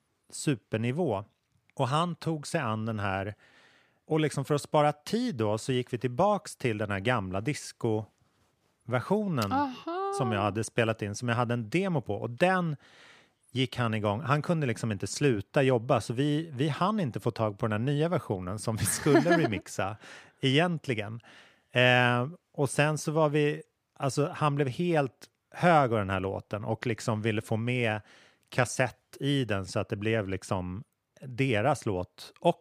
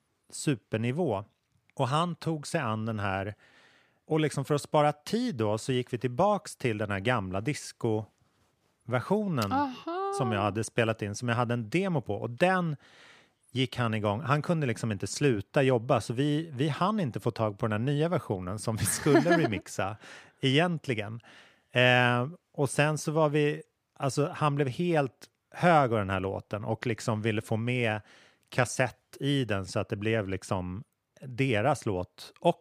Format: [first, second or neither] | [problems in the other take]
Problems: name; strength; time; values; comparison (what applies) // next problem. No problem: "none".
neither | none